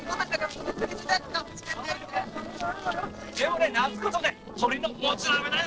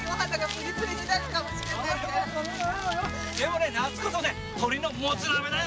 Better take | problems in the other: second | noise reduction (neural separator model SepFormer DNS4)

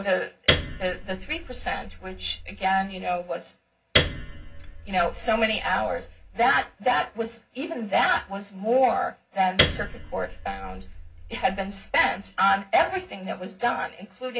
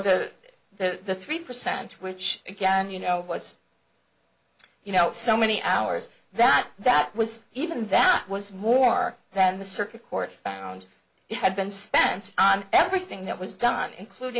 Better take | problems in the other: second | background sound (Piano); 4 dB below the speech // room echo; dies away in 0.4 s

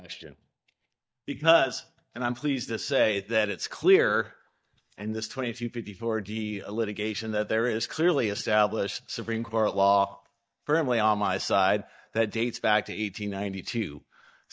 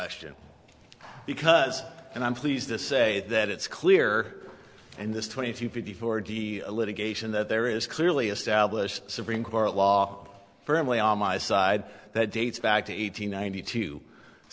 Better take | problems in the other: second | noise reduction (neural mask model DeepFilterNet 3)

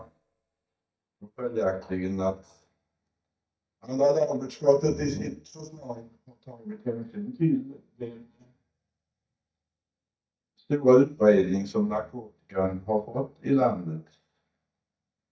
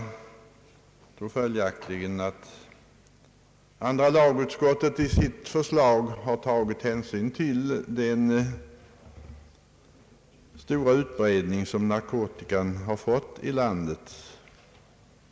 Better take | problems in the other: second | noise reduction (neural mask model DeepFilterNet 3)

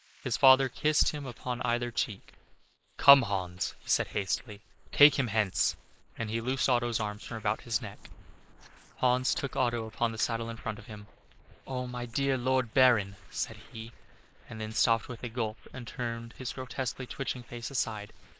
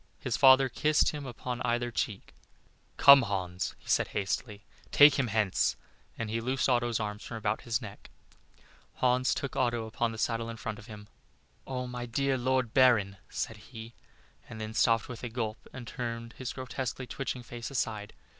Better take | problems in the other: second | noise reduction (neural mask model Resemble Enhance denoiser)

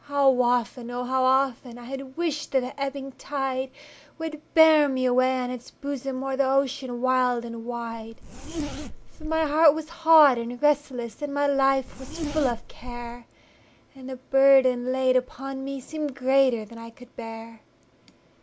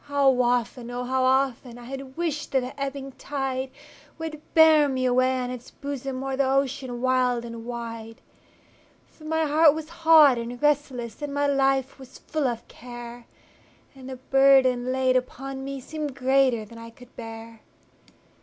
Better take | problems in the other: second | background sound (Zipper (clothing)); 9 dB below the speech

